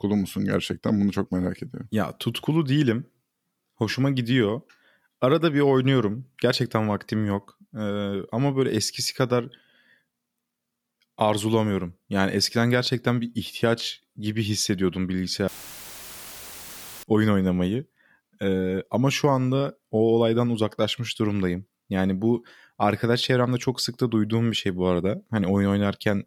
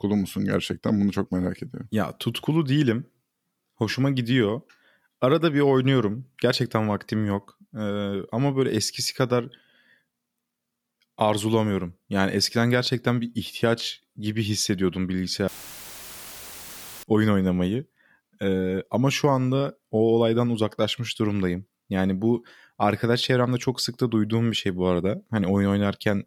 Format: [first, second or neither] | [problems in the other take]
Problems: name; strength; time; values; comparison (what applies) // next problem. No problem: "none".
neither | audio cutting out; filled with static; at 15 s for 1.5 s; the same in both